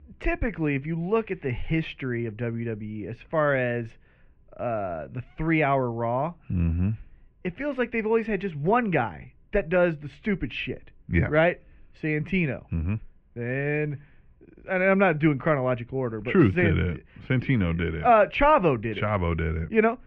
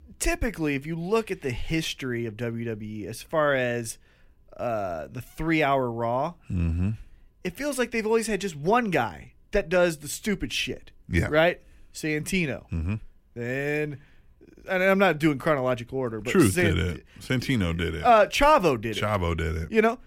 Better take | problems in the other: second | muffled; very; fading above 2.5 kHz

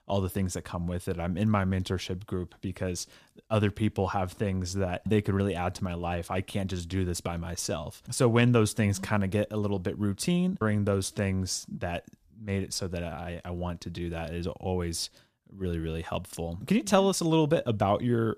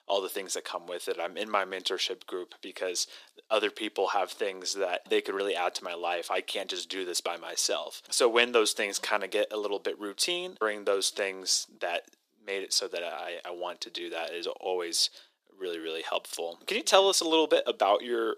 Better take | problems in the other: first | thin; very; fading below 350 Hz

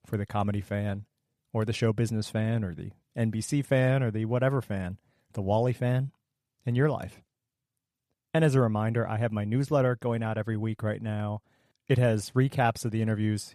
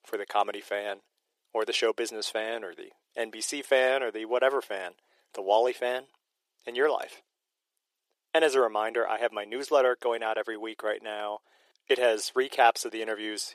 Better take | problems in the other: first | thin; very; fading below 350 Hz

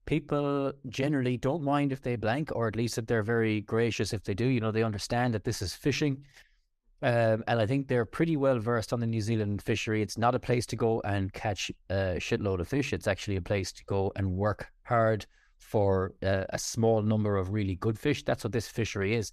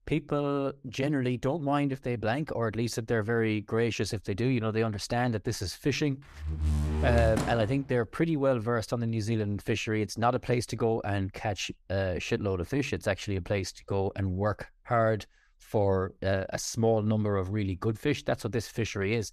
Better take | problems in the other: first | door banging; loud; from 6.5 to 7.5 s; peak 1 dB above the speech

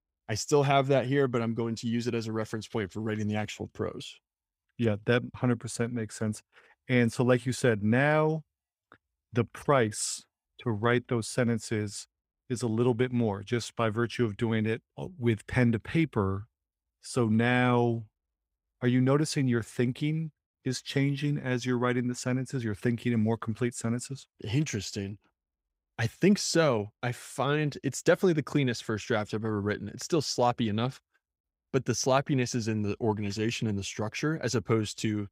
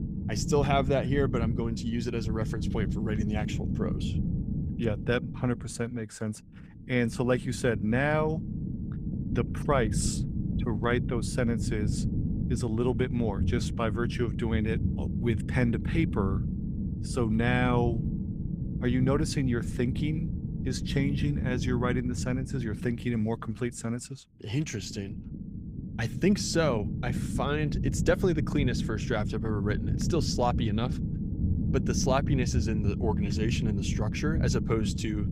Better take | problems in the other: first | low rumble; loud; throughout; 9 dB below the speech

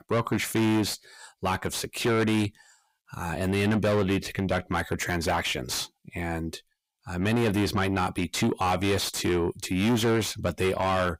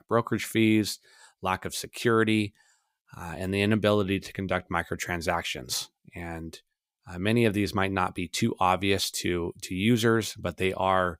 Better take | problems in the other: second | distortion; heavy; 6 dB below the speech

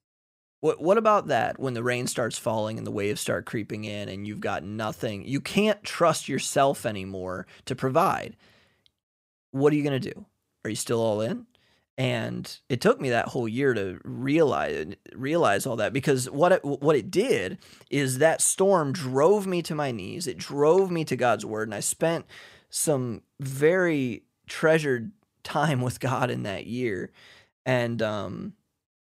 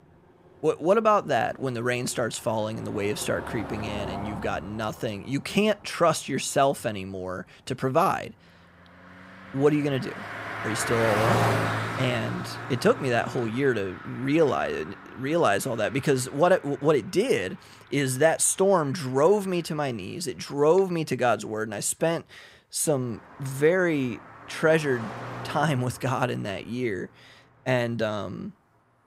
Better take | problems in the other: first | traffic noise; loud; throughout; 8 dB below the speech

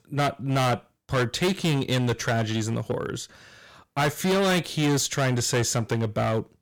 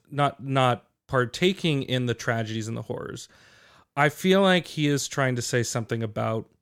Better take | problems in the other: second | distortion; heavy; 15% of the sound clipped

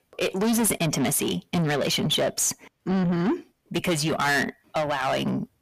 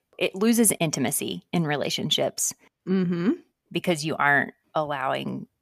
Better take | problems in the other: second | distortion; heavy; 6 dB below the speech

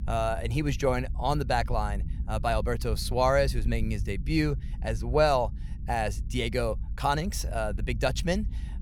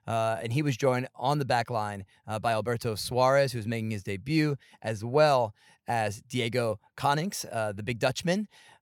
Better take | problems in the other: second | low rumble; faint; throughout; 25 dB below the speech

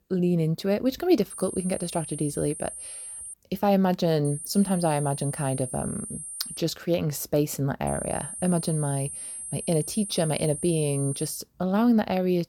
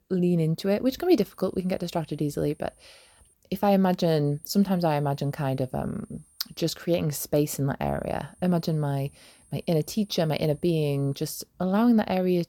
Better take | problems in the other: second | high-pitched whine; loud; from 1.5 to 3.5 s, from 4.5 to 6.5 s and from 8 to 11 s; 9 kHz, 9 dB below the speech; faint in the second

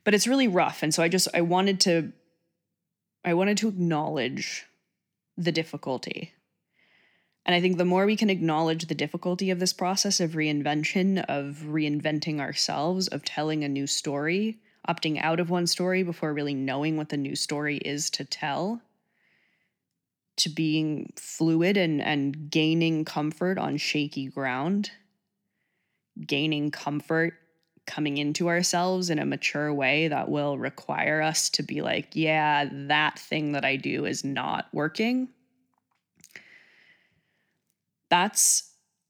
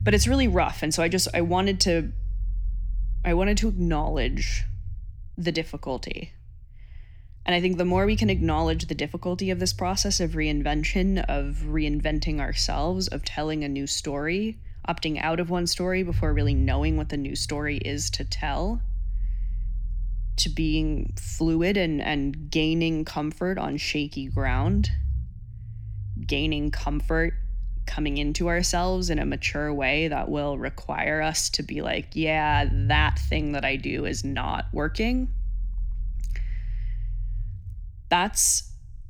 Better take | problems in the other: first | low rumble; faint; throughout; 25 dB below the speech

